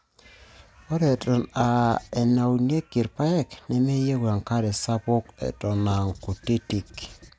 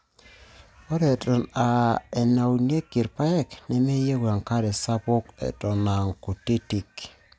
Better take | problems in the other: second | background sound (Writing); 19 dB below the speech

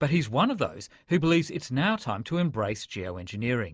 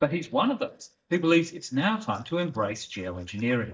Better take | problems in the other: first | noise reduction (neural mask model DeepFilterNet 3)

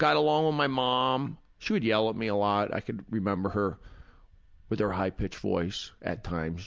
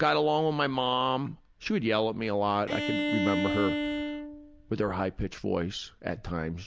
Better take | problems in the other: first | background sound (Bowed string instrument); 2 dB below the speech

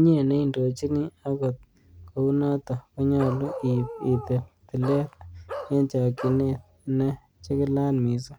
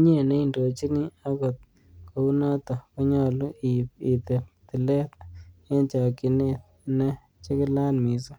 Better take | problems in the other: second | background sound (Bark); 13 dB below the speech

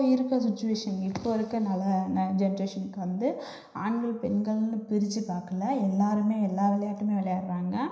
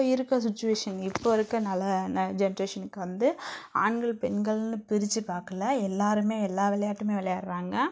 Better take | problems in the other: second | room echo; dies away in 0.9 s

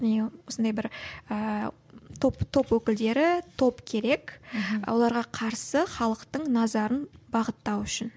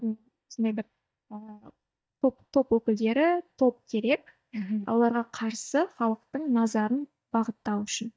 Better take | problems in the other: first | noise reduction (neural mask model DeepFilterNet 3)

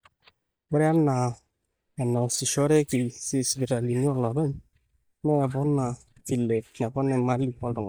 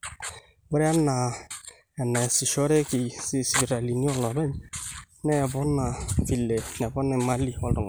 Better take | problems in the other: second | noise reduction (neural mask model DeepFilterNet 3)

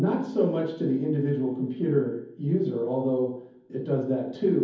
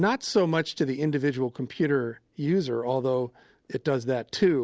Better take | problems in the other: second | room echo; dies away in 0.7 s

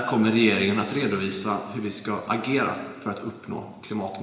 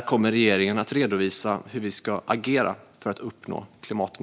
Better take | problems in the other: second | room echo; dies away in 2 s

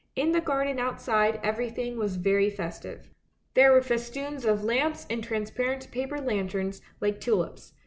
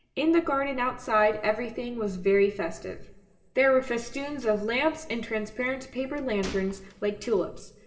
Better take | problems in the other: first | background sound (Gunshot, gunfire); 16 dB below the speech // room echo; dies away in 1.7 s

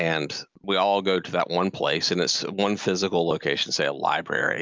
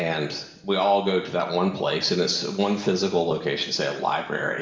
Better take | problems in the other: first | room echo; dies away in 1 s

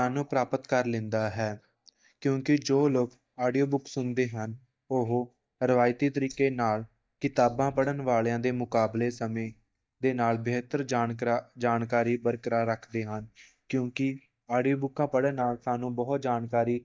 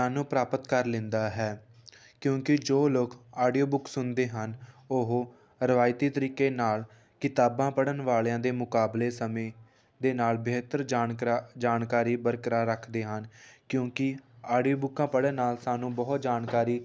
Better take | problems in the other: second | noise reduction (neural mask model DeepFilterNet 3)

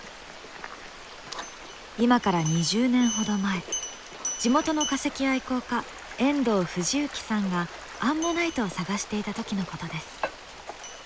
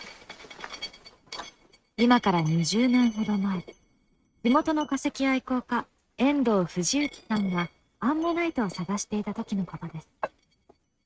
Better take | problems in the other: first | noise reduction (neural mask model RNNoise)

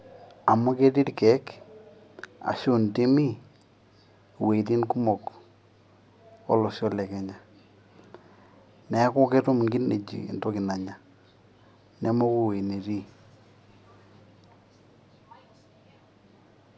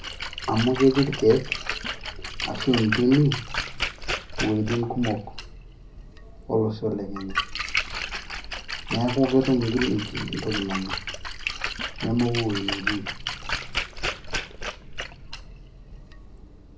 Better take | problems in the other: first | background sound (Splash, splatter); 5 dB below the speech // room echo; dies away in 0.4 s

